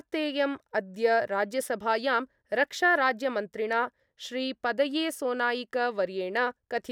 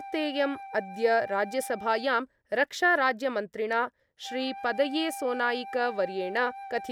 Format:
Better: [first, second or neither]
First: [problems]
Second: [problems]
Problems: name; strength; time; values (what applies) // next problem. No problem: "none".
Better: first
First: none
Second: background sound (Wind instrument, woodwind instrument); 14 dB below the speech